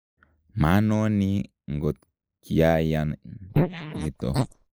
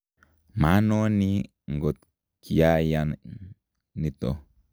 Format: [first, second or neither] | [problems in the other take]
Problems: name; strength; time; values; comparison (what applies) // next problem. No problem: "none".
second | noise reduction (neural mask model Resemble Enhance denoiser)